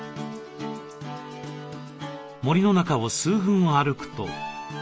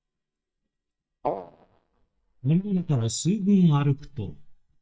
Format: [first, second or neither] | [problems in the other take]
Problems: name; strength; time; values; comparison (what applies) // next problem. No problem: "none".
first | noise reduction (neural mask model DeepFilterNet 3)